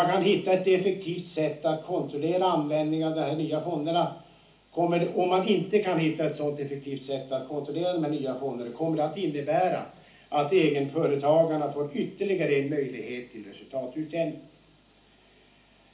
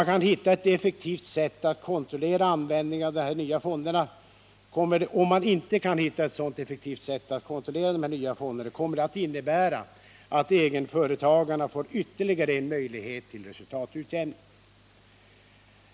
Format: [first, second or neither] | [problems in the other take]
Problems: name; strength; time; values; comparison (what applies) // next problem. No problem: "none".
second | room echo; dies away in 0.4 s